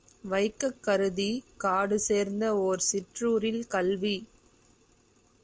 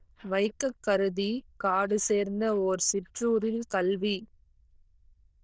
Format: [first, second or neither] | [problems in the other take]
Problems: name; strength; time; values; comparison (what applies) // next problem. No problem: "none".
first | noise reduction (neural diffusion model UNIVERSE++)